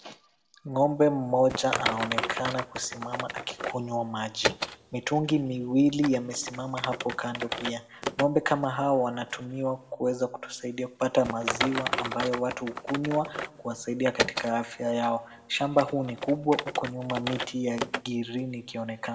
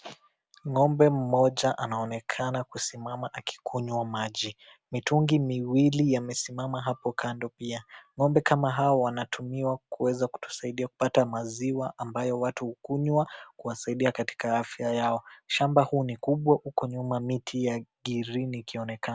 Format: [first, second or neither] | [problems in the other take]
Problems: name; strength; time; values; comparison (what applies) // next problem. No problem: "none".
second | background sound (Typing); 7 dB below the speech // room echo; dies away in 0.7 s